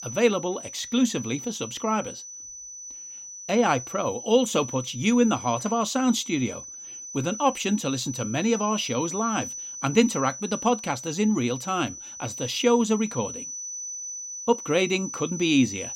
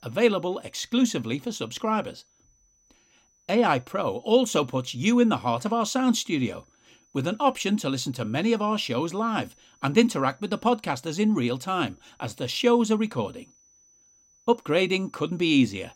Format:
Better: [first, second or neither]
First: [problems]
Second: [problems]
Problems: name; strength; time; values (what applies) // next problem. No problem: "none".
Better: second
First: high-pitched whine; loud; throughout; 6 kHz, 10 dB below the speech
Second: high-pitched whine; faint; throughout; 6 kHz, 35 dB below the speech